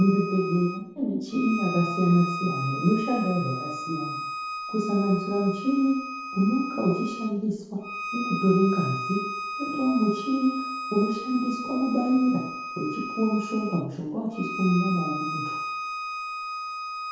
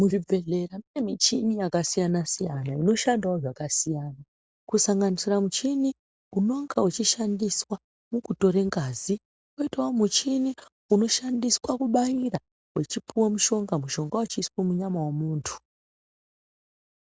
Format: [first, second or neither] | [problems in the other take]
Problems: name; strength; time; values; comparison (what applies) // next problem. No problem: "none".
second | background sound (Bowed string instrument); 7 dB below the speech // room echo; dies away in 0.8 s